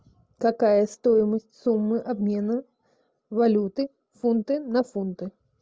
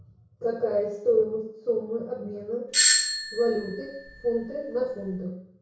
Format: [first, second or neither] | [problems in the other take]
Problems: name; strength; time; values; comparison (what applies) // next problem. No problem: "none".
first | background sound (Doorbell); 2 dB above the speech // room echo; dies away in 0.6 s